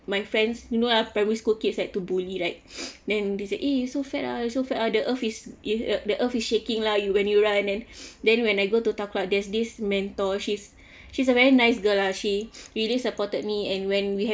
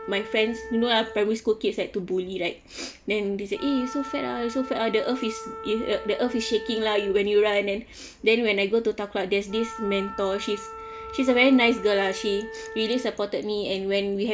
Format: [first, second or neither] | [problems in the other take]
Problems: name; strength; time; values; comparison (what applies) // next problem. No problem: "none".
first | background sound (Wind instrument, woodwind instrument); 15 dB below the speech